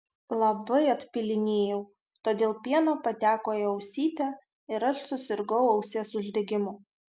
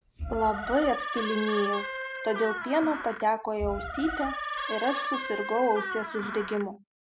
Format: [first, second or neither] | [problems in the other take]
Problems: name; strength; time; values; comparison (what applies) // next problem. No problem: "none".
first | background sound (Door); 5 dB below the speech